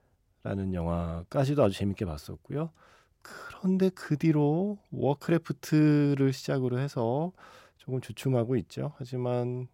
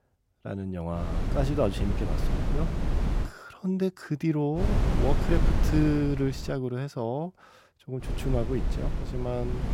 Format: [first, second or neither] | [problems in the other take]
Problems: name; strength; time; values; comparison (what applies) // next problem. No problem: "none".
first | wind noise on the microphone; heavy; from 1 to 3.5 s, from 4.5 to 6.5 s and from 8 s on; 5 dB below the speech